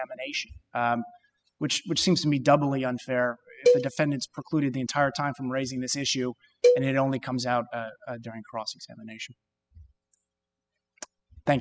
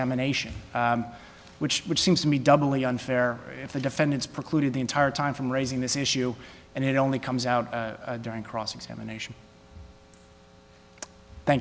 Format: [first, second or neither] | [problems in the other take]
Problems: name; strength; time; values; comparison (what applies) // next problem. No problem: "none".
second | noise reduction (classical method spectral subtraction)